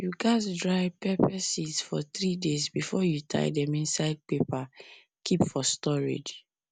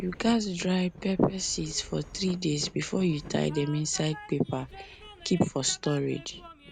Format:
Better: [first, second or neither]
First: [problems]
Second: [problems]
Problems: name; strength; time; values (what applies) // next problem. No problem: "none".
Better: first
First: none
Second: background sound (Train); 17 dB below the speech